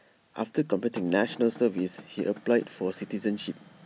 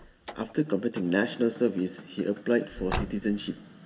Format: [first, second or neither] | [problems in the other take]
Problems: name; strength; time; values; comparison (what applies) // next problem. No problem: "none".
first | background sound (Car); 12 dB below the speech // room echo; dies away in 2.1 s